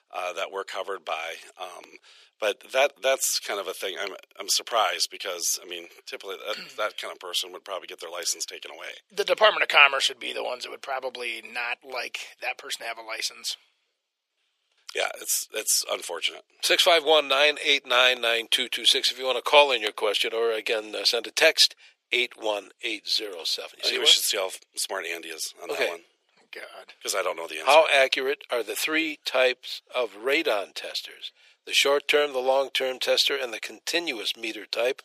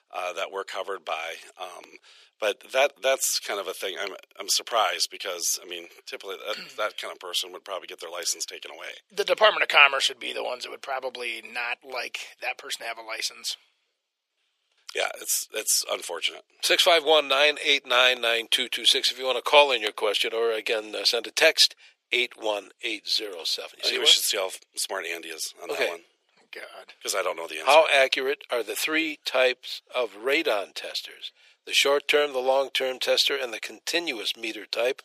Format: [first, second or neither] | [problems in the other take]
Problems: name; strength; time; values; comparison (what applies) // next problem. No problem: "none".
neither | thin; very; fading below 450 Hz; the same in both